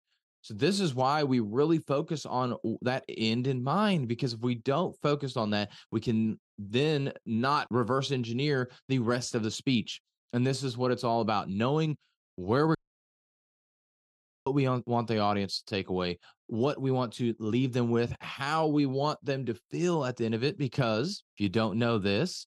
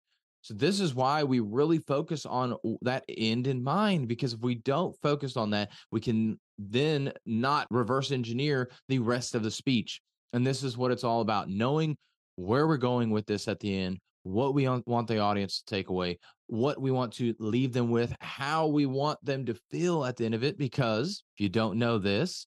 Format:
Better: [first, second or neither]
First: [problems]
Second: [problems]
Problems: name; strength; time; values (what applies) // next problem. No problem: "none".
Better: second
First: audio cutting out; at 13 s for 1.5 s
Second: none